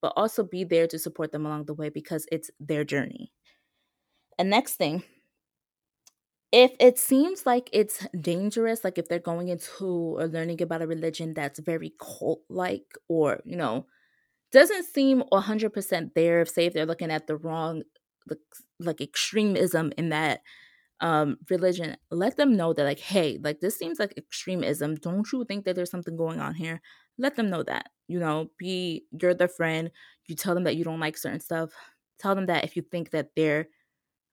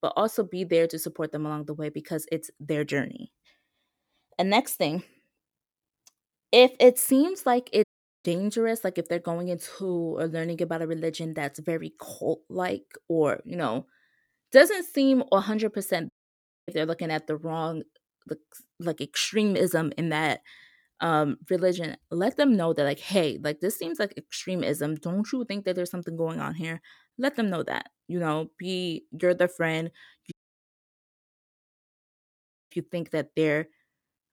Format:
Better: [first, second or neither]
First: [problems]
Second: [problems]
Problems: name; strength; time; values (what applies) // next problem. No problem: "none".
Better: first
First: none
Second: audio cutting out; at 8 s, at 16 s for 0.5 s and at 30 s for 2.5 s